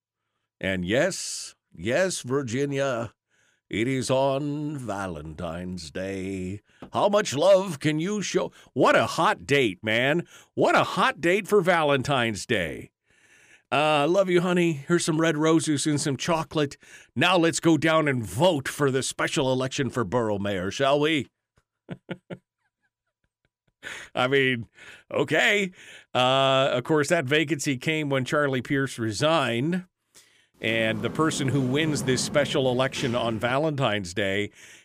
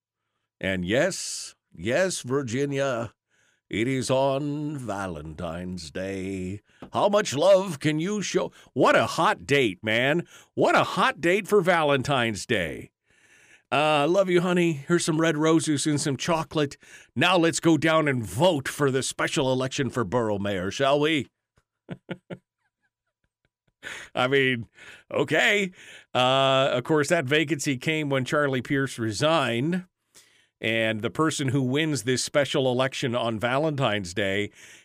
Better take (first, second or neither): second